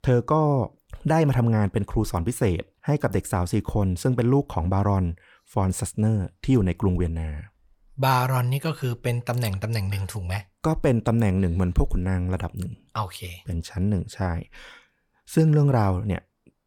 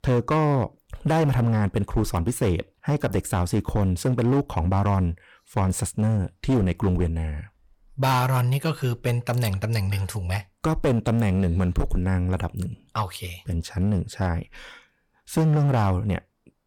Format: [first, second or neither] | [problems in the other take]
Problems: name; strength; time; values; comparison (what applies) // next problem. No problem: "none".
first | distortion; slight; 8% of the sound clipped